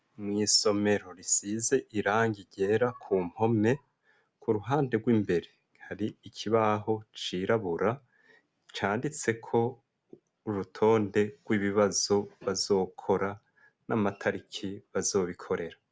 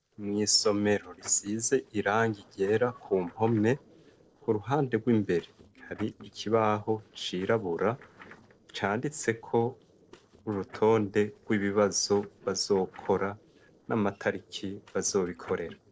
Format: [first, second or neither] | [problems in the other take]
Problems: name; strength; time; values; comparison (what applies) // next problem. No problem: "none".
first | noise reduction (neural separator model SepFormer DNS4)